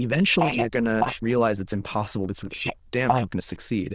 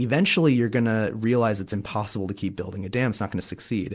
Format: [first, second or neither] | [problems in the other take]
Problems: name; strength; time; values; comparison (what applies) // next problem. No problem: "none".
second | noise reduction (neural diffusion model UNIVERSE++)